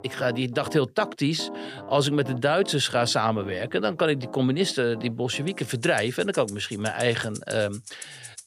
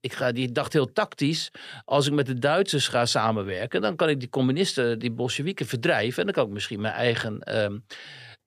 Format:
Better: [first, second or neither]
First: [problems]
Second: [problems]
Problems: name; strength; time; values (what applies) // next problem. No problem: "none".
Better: second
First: background music; noticeable; throughout; 15 dB below the speech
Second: none